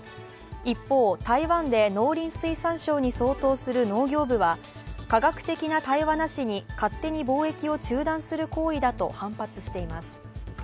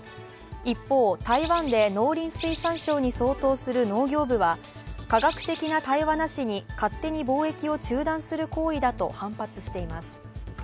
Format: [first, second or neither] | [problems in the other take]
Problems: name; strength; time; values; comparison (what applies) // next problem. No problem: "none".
first | background sound (Bird); 16 dB below the speech